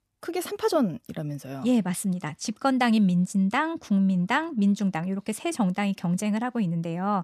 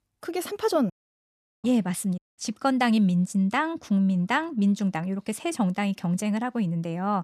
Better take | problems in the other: first | audio cutting out; at 1 s for 0.5 s and at 2 s

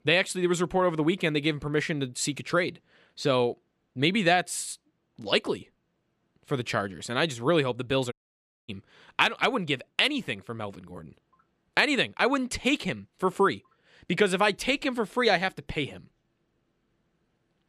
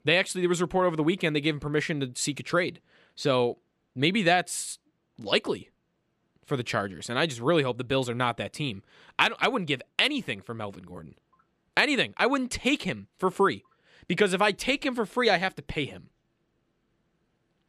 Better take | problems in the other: second | audio cutting out; at 8 s for 0.5 s

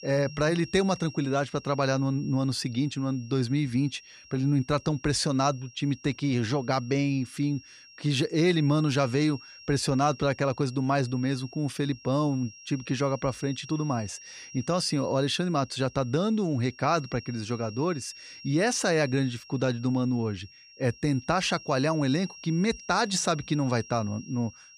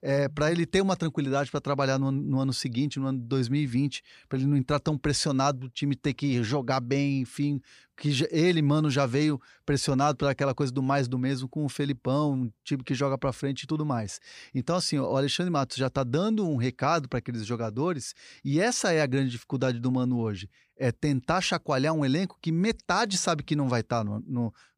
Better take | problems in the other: second | high-pitched whine; noticeable; throughout; 5.5 kHz, 20 dB below the speech

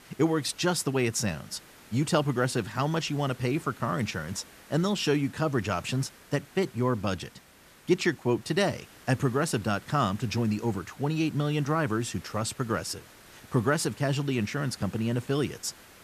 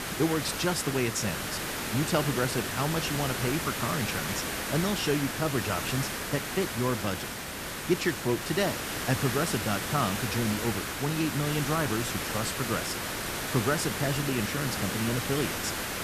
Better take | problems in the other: first | hiss; loud; throughout; 1 dB below the speech; faint in the first

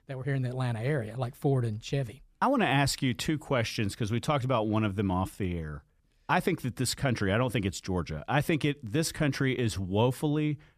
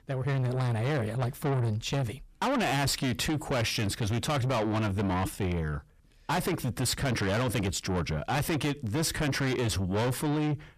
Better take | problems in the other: first | distortion; heavy; 6 dB below the speech

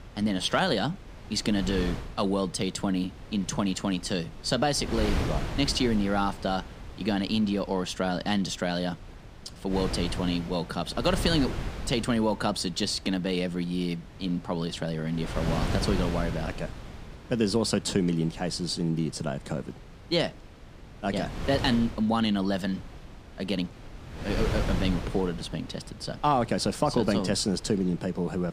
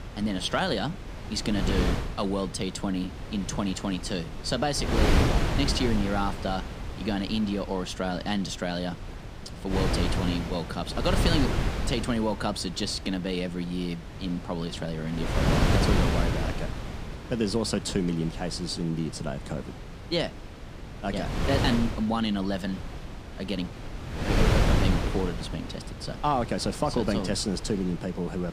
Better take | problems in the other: first | wind noise on the microphone; heavy; 4 dB below the speech; occasional gusts in the first

